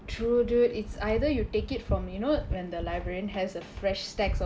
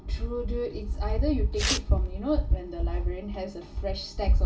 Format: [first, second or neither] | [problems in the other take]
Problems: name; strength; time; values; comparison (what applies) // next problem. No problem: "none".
first | background sound (Tearing); 9 dB below the speech // room echo; dies away in 0.2 s